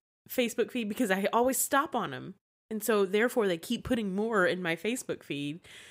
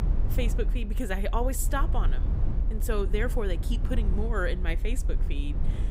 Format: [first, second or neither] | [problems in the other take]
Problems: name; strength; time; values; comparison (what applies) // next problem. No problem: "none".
first | low rumble; noticeable; throughout; 10 dB below the speech